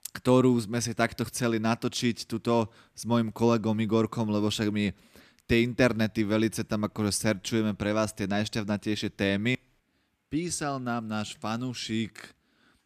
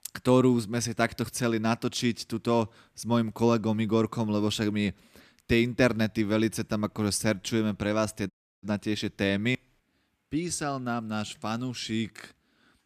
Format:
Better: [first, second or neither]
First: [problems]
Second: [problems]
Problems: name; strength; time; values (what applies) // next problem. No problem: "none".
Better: first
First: none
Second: audio cutting out; at 8.5 s